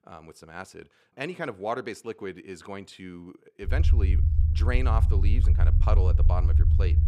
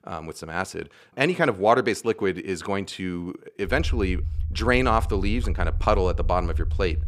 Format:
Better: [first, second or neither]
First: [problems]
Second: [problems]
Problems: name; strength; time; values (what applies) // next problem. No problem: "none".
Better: second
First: low rumble; loud; from 3.5 s on; 6 dB below the speech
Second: low rumble; faint; from 3.5 s on; 25 dB below the speech